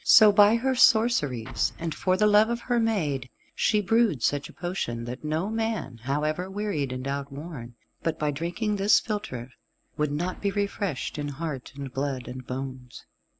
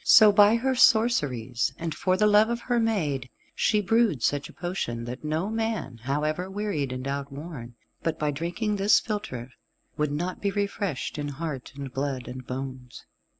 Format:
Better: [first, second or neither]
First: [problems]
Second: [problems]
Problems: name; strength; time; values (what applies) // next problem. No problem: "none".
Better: second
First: background sound (Explosion); 19 dB below the speech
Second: none